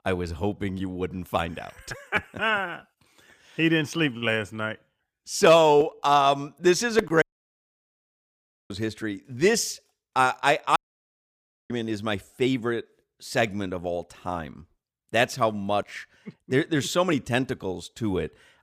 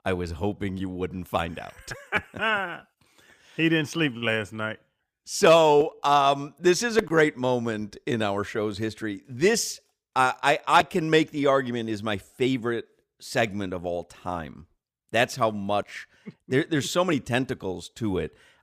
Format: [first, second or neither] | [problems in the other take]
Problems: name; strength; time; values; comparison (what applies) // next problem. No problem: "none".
second | audio cutting out; at 7 s for 1.5 s and at 11 s for 1 s